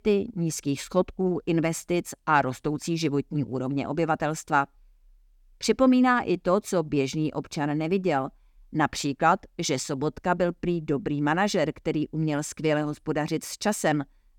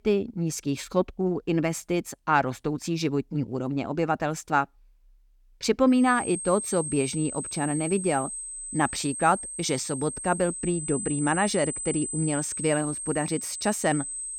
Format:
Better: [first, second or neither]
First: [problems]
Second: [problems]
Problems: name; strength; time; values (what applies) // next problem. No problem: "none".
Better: first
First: none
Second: high-pitched whine; loud; from 6 s on; 8 kHz, 5 dB below the speech